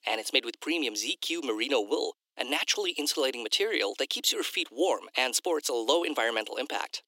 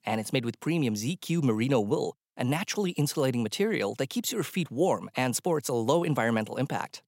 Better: second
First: thin; somewhat; fading below 300 Hz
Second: none

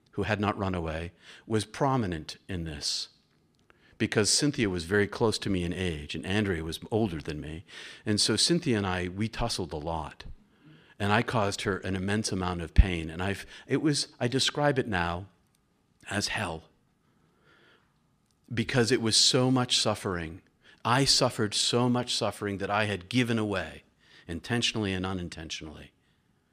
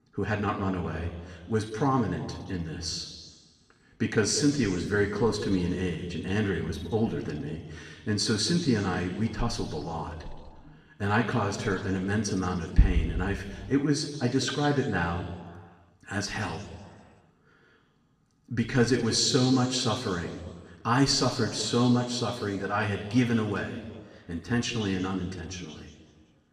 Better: first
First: none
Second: room echo; noticeable; dies away in 1.6 s // off-mic speech; somewhat distant

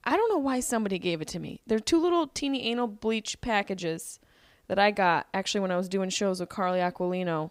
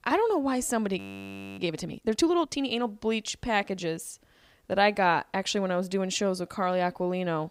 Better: first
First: none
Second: audio freezing; at 1 s for 0.5 s

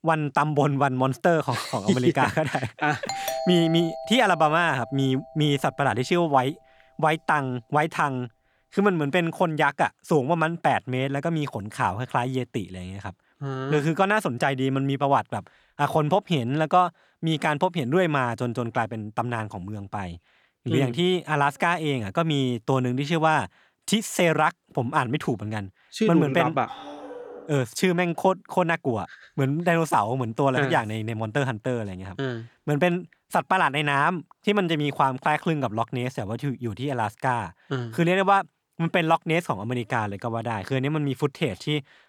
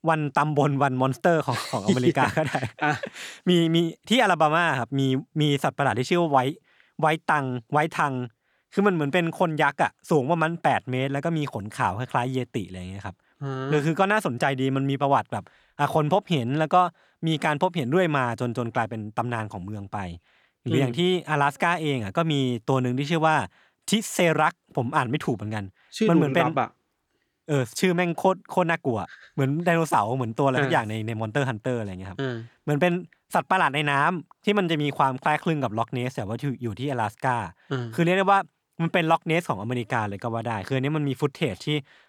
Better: second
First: doorbell; noticeable; from 3 to 5 s; peak 5 dB below the speech // dog barking; faint; at 27 s; peak 15 dB below the speech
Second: none

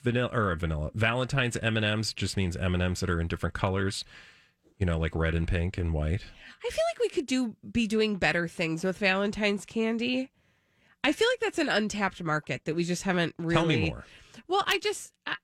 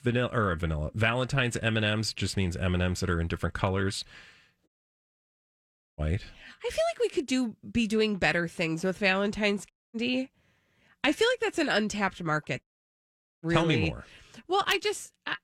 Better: first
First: none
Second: audio cutting out; at 4.5 s for 1.5 s, at 9.5 s and at 13 s for 1 s

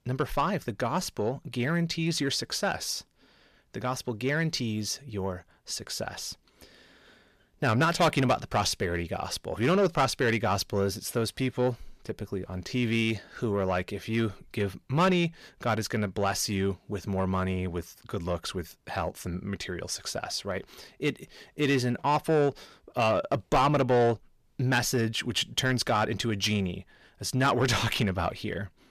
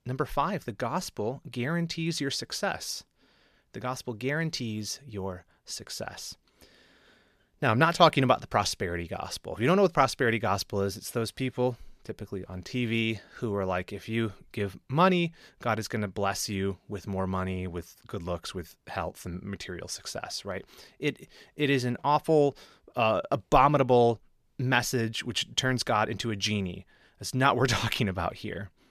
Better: second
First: distortion; slight; 10 dB below the speech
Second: none

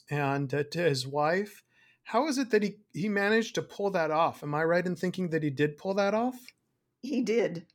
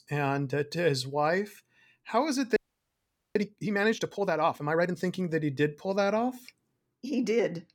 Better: first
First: none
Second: audio freezing; at 2.5 s for 1 s

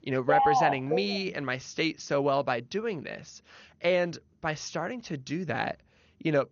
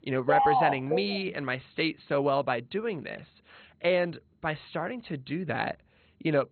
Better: first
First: garbled, watery; slightly; nothing above 6.5 kHz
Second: garbled, watery; badly; nothing above 4 kHz

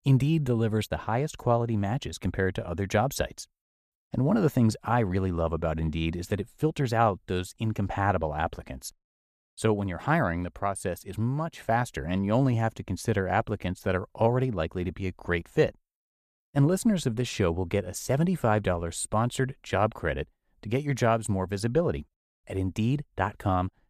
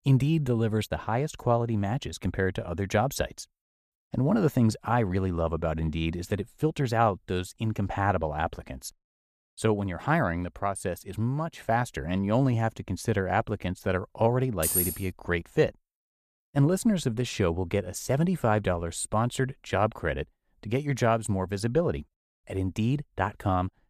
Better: first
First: none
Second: jangling keys; loud; at 15 s; peak 3 dB above the speech

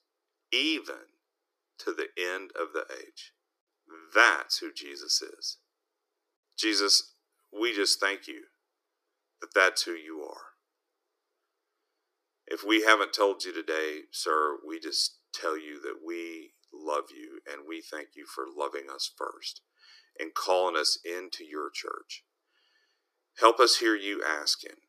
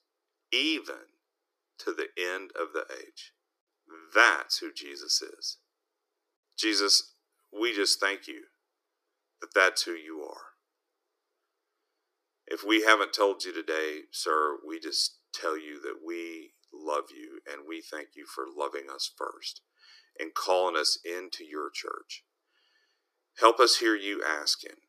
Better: neither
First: thin; very; fading below 300 Hz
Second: thin; very; fading below 300 Hz

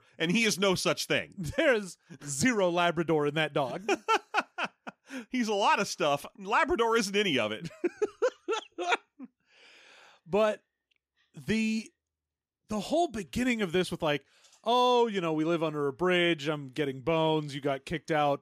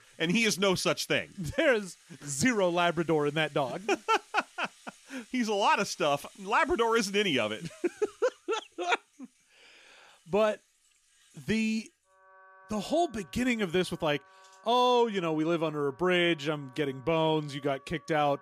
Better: first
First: none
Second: background music; faint; throughout; 25 dB below the speech

